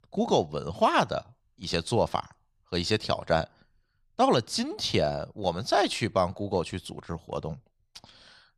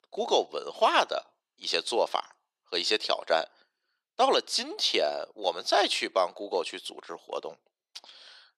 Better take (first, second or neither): first